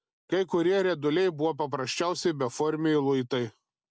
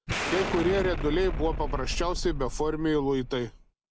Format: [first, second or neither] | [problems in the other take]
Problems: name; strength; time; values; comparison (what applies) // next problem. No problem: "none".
first | background sound (Explosion); 3 dB below the speech